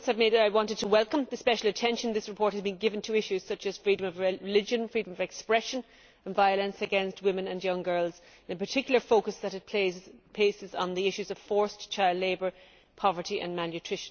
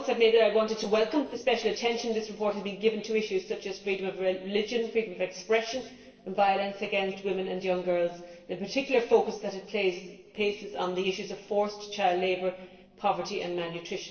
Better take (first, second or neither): first